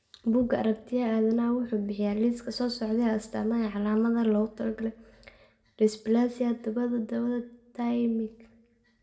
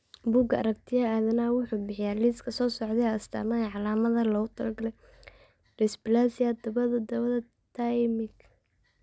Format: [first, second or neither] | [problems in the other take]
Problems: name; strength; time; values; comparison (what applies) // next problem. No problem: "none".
second | room echo; dies away in 0.5 s